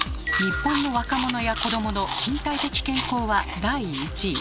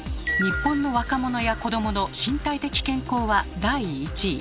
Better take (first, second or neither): second